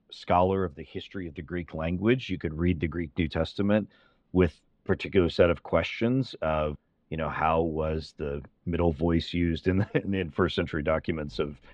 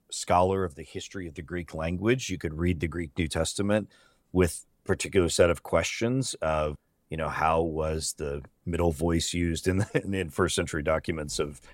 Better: second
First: muffled; slightly; fading above 3.5 kHz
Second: none

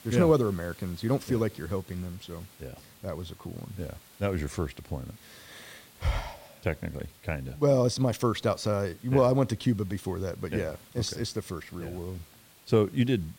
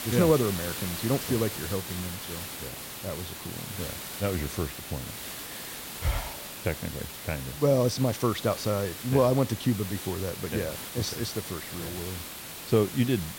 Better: first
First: hiss; faint; throughout; 25 dB below the speech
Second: hiss; loud; throughout; 7 dB below the speech

